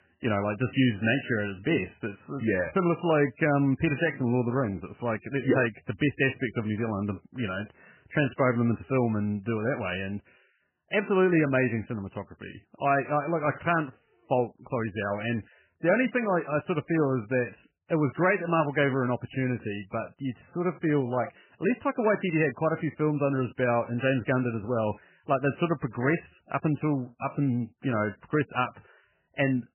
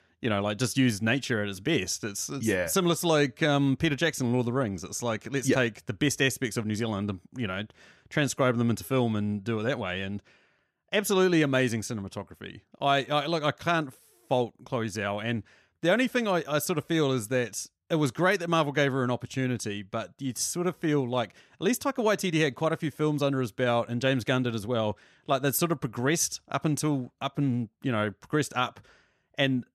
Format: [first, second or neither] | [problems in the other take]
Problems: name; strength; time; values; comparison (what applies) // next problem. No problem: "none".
second | garbled, watery; badly; nothing above 3 kHz